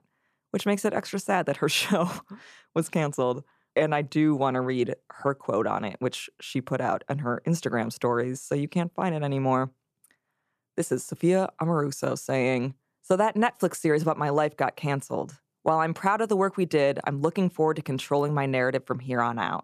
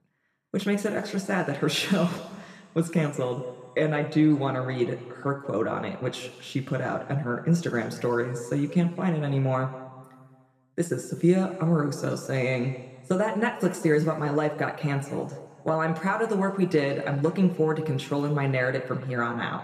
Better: first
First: none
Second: room echo; slight; dies away in 1.6 s

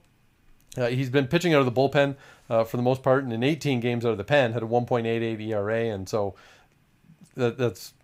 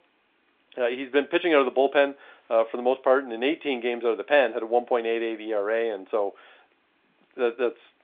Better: first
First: none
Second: phone-call audio

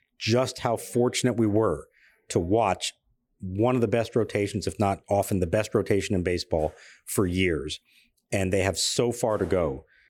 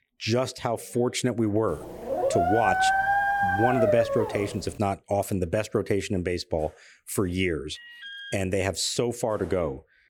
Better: first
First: none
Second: dog barking; loud; from 2 to 4.5 s; peak 5 dB above the speech // alarm; faint; at 8 s; peak 10 dB below the speech

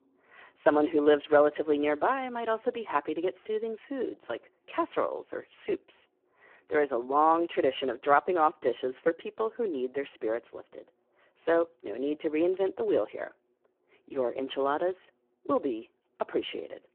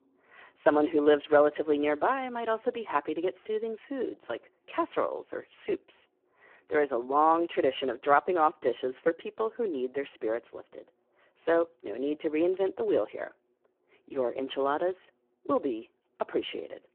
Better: neither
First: phone-call audio; poor line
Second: phone-call audio; poor line

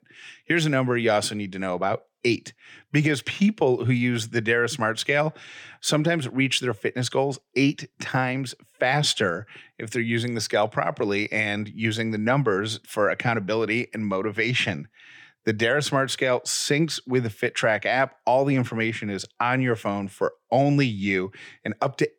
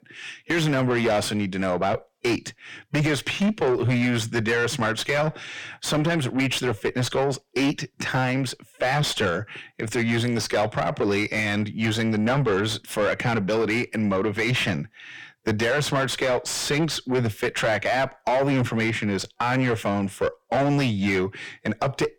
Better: first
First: none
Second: distortion; heavy; 7 dB below the speech

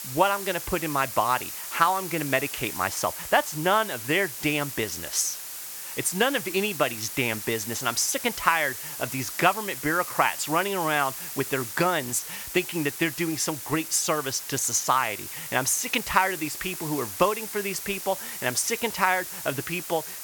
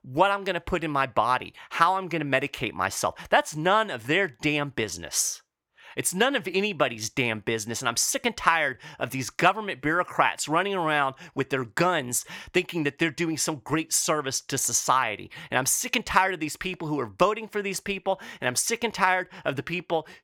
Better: second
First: hiss; loud; throughout; 8 dB below the speech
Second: none

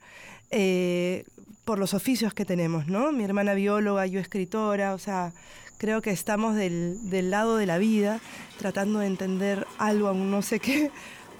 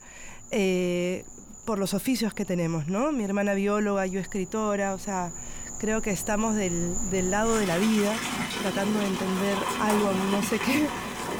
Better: first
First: animal sounds; faint; throughout; 20 dB below the speech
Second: animal sounds; loud; throughout; 4 dB below the speech

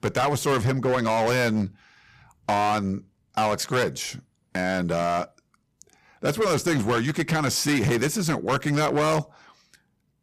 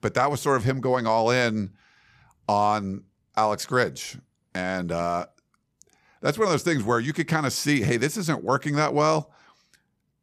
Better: second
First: distortion; heavy; 12% of the sound clipped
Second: none

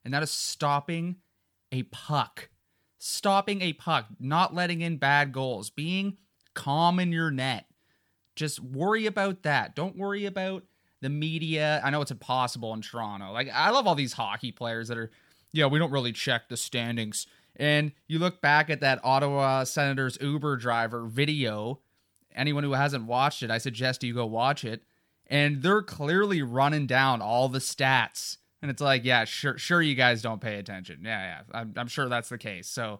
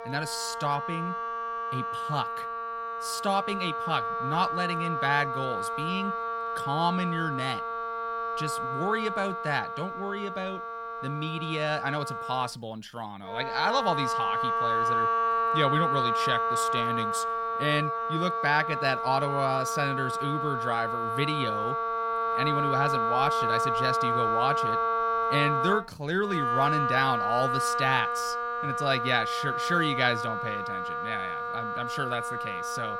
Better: first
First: none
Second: background music; very loud; throughout; 1 dB above the speech

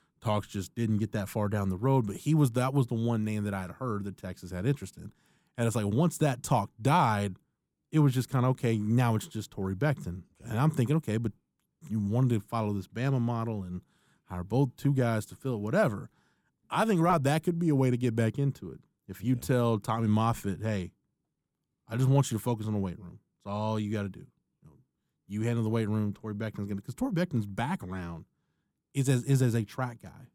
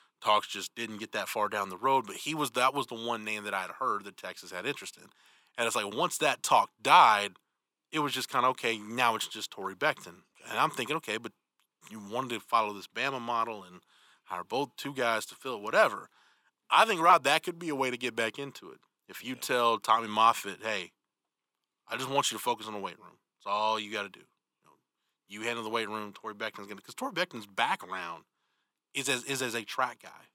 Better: first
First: none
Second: thin; very; fading below 500 Hz

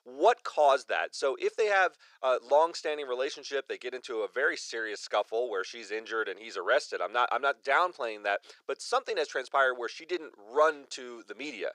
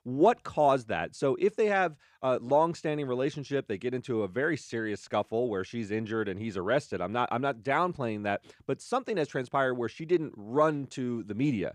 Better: second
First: thin; very; fading below 450 Hz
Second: none

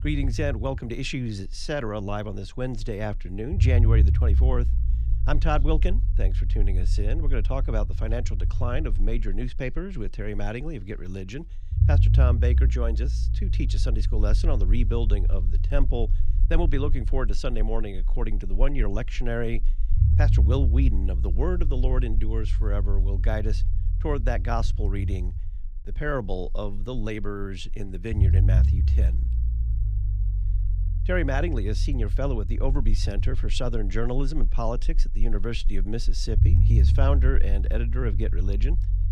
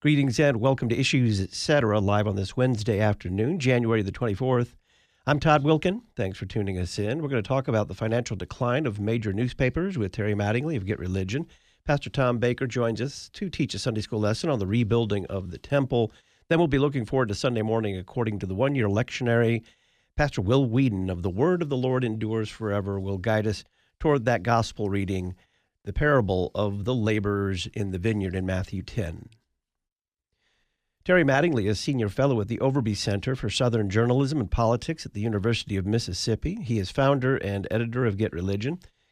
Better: second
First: low rumble; loud; throughout; 9 dB below the speech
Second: none

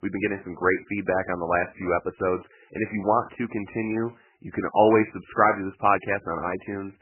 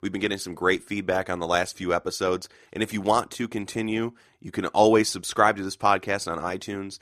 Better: second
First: garbled, watery; badly; nothing above 2.5 kHz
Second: none

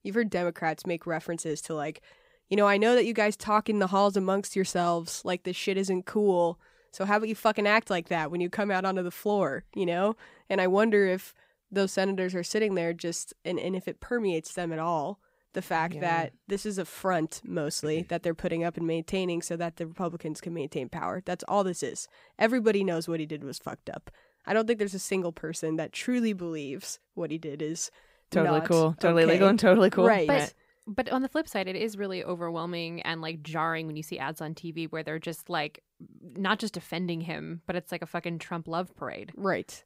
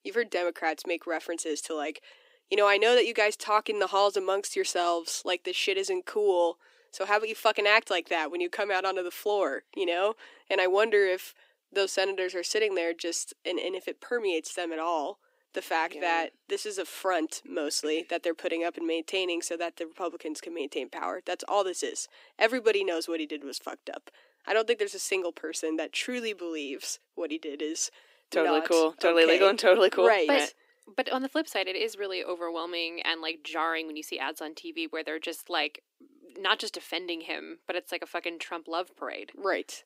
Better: first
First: none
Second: thin; somewhat; fading below 300 Hz

